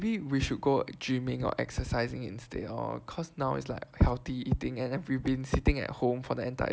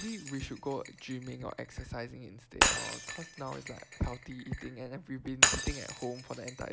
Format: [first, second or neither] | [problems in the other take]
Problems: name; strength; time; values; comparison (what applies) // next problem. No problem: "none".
first | background sound (Shatter); 5 dB above the speech